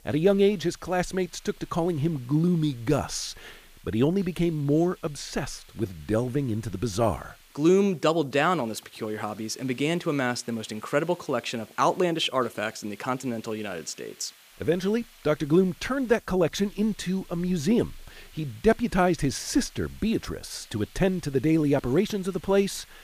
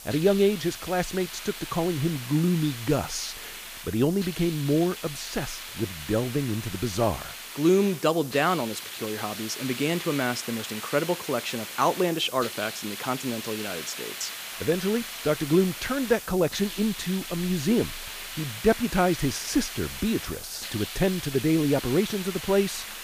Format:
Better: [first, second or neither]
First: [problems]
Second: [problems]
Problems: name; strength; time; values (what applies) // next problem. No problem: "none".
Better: first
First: hiss; faint; throughout; 25 dB below the speech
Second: hiss; loud; throughout; 9 dB below the speech